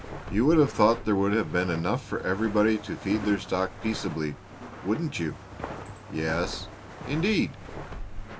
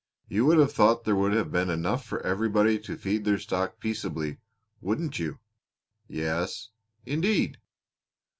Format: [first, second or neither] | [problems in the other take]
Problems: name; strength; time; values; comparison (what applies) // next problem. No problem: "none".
second | background sound (Walk, footsteps); 11 dB below the speech